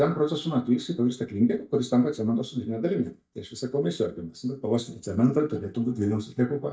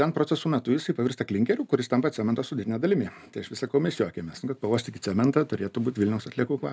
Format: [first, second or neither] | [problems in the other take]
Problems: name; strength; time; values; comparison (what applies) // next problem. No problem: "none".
second | noise reduction (neural mask model DeepFilterNet 3)